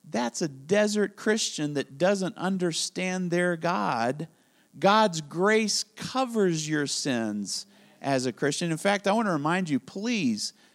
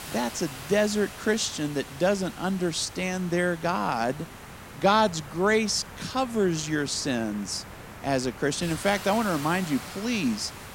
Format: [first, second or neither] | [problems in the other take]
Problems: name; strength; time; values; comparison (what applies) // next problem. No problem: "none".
first | hiss; noticeable; throughout; 15 dB below the speech